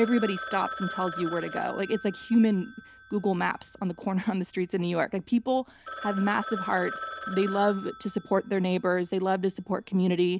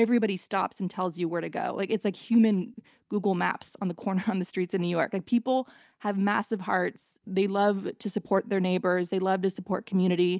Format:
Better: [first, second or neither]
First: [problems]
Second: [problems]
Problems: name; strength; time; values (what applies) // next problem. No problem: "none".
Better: second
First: background sound (Telephone); 13 dB below the speech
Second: none